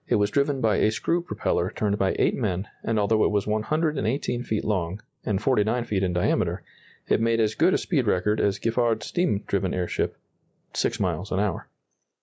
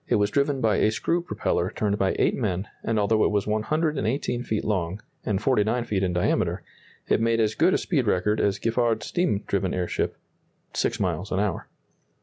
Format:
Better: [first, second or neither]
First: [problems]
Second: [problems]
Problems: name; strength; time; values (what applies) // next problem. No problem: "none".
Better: second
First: noise reduction (neural mask model Resemble Enhance denoiser)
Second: none